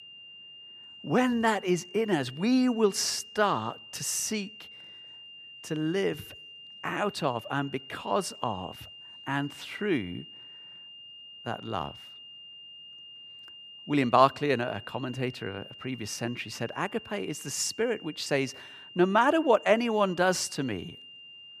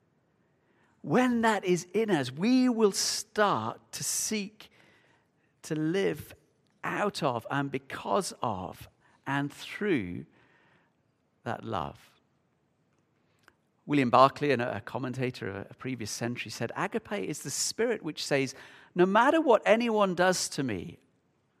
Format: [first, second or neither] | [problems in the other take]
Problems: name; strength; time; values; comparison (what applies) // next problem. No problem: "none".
second | high-pitched whine; noticeable; throughout; 3 kHz, 15 dB below the speech